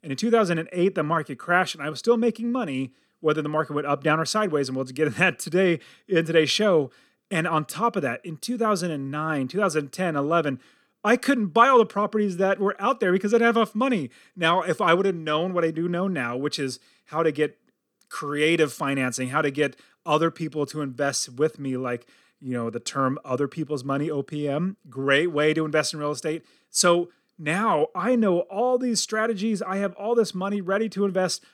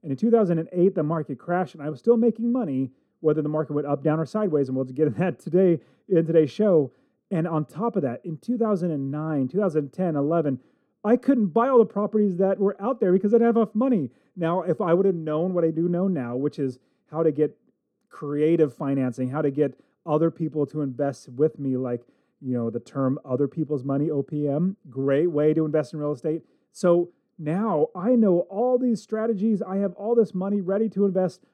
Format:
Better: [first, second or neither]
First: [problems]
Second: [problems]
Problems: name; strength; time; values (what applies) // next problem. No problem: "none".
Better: first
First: none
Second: muffled; very; fading above 1 kHz